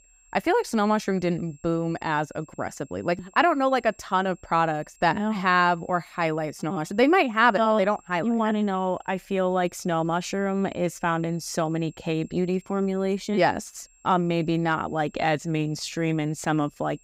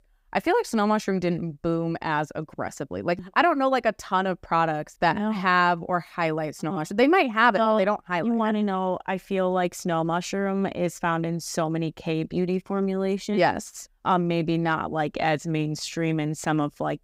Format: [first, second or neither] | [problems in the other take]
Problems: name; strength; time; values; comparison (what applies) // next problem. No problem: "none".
second | high-pitched whine; faint; throughout; 7.5 kHz, 30 dB below the speech